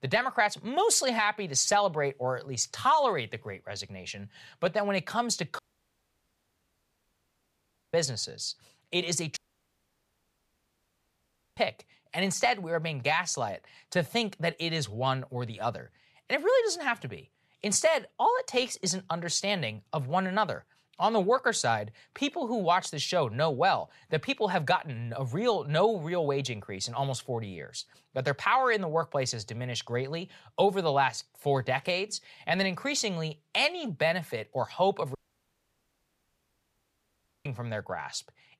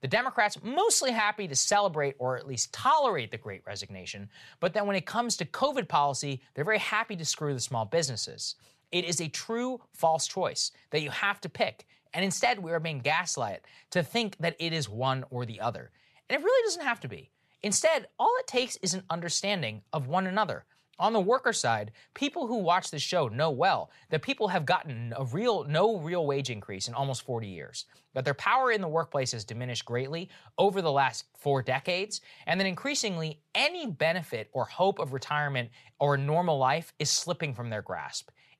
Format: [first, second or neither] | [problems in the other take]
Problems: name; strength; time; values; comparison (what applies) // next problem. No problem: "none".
second | audio cutting out; at 5.5 s for 2.5 s, at 9.5 s for 2 s and at 35 s for 2.5 s